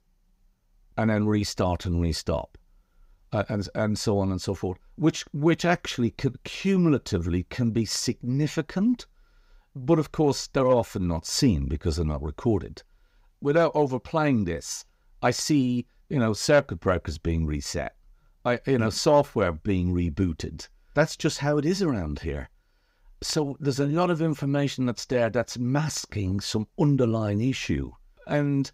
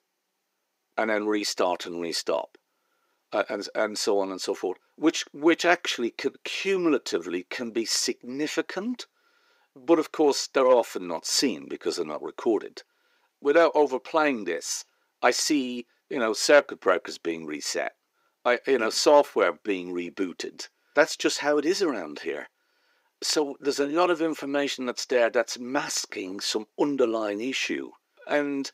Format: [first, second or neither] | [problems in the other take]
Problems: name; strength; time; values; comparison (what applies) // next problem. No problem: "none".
first | thin; somewhat; fading below 350 Hz